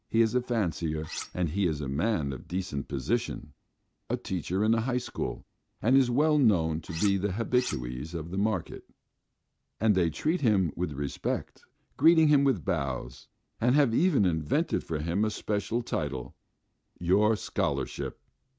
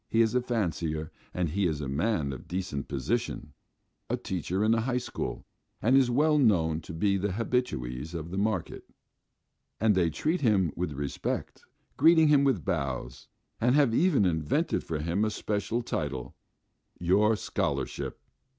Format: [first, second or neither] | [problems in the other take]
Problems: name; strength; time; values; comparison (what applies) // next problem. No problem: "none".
second | background sound (Cutlery, silverware); 12 dB below the speech